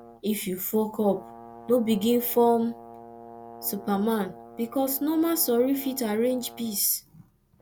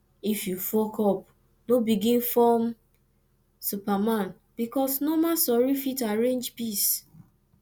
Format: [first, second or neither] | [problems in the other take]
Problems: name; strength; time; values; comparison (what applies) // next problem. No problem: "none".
second | background sound (Brass instrument); 19 dB below the speech